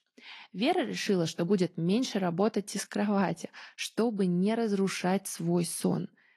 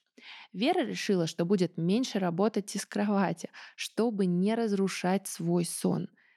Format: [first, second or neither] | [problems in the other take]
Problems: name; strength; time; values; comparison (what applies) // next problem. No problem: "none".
second | garbled, watery; slightly